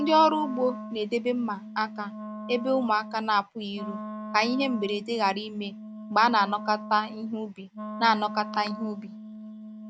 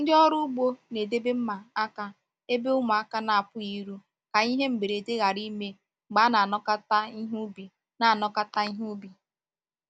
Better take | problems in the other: second | background sound (Wind instrument, woodwind instrument); 11 dB below the speech

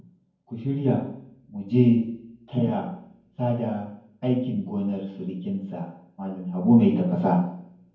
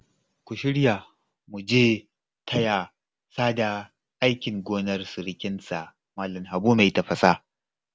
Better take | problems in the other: second | room echo; dies away in 0.9 s

